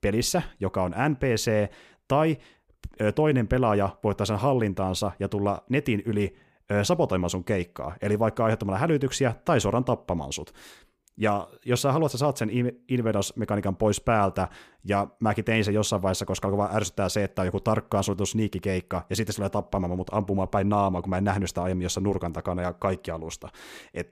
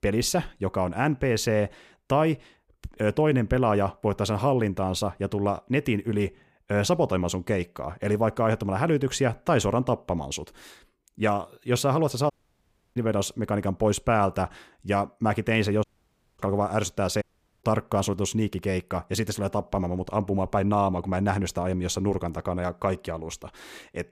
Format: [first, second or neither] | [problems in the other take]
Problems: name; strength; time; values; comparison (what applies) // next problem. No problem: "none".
first | audio cutting out; at 12 s for 0.5 s, at 16 s for 0.5 s and at 17 s